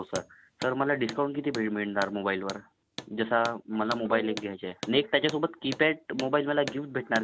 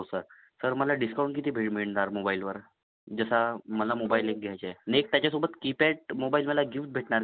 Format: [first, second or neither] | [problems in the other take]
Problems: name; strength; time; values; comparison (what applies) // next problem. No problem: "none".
second | background sound (Hammer); 15 dB below the speech